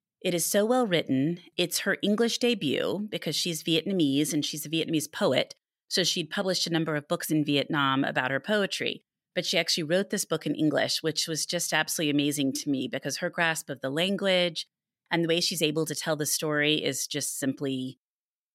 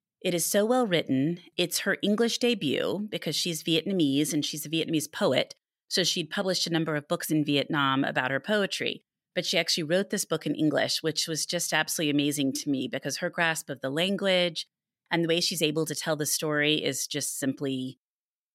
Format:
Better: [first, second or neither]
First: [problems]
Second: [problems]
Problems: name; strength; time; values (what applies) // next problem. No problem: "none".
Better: neither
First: none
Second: none